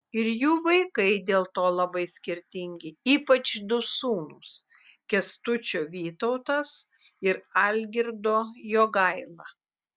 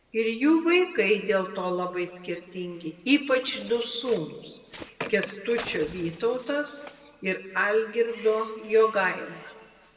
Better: first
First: none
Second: background sound (Bird); 19 dB below the speech // room echo; dies away in 1.5 s

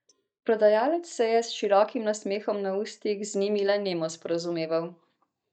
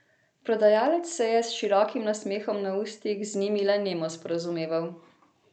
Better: second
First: noise reduction (neural mask model DeepFilterNet 3)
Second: none

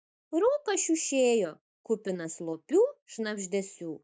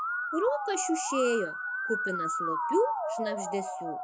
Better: first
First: none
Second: noise reduction (classical method log-MMSE)

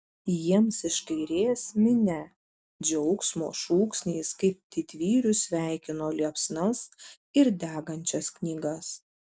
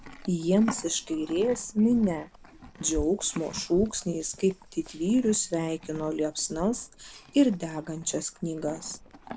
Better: first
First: none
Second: background sound (Livestock, farm animals, working animals); 15 dB below the speech

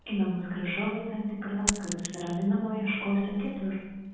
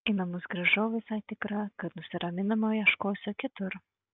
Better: second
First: background sound (Coin (dropping)); 9 dB below the speech // room echo; dies away in 1.3 s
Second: none

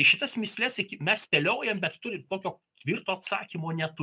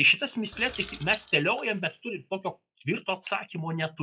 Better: first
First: none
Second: noise reduction (classical method log-MMSE)

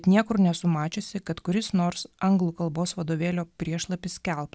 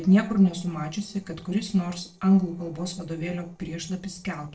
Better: first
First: none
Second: noise reduction (neural separator model SepFormer DNS4)

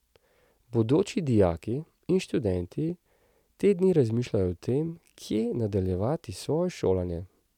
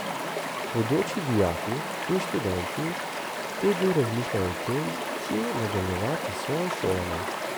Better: first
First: none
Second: background sound (Stream); 2 dB below the speech

